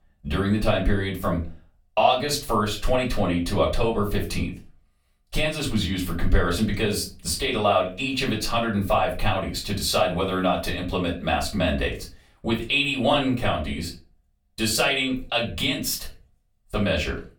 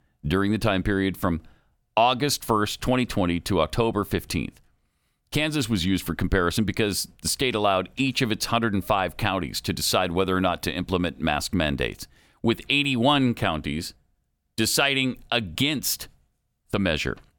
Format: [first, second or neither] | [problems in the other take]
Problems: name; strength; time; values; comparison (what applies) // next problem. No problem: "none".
second | off-mic speech; far // room echo; very slight; dies away in 0.3 s